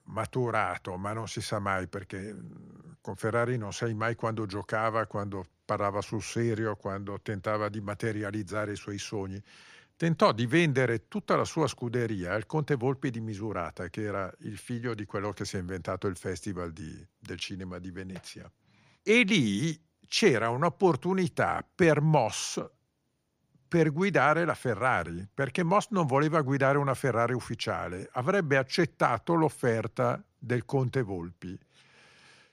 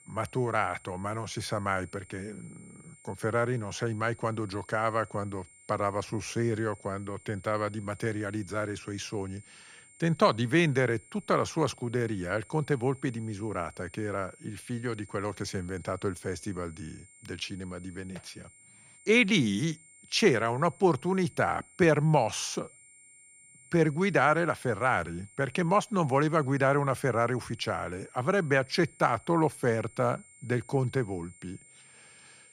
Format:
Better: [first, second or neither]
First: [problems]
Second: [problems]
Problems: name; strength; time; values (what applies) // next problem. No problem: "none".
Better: first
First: none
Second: high-pitched whine; faint; throughout; 8.5 kHz, 25 dB below the speech